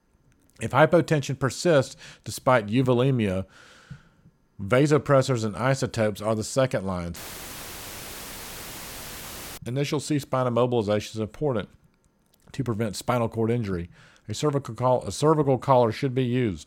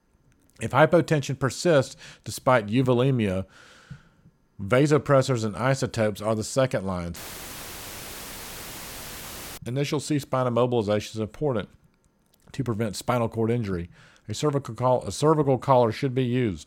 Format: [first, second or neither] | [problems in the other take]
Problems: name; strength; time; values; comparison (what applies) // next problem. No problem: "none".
neither | audio cutting out; filled with static; at 7 s for 2.5 s; the same in both